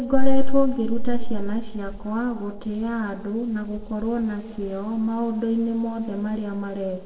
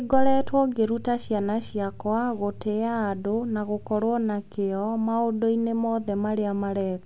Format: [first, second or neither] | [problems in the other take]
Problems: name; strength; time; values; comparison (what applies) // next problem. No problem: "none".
second | noise reduction (neural separator model SepFormer DNS4)